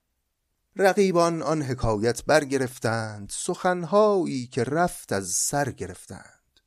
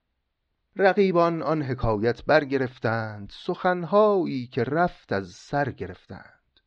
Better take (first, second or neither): first